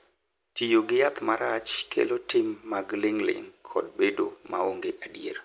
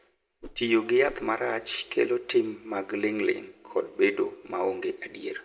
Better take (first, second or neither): first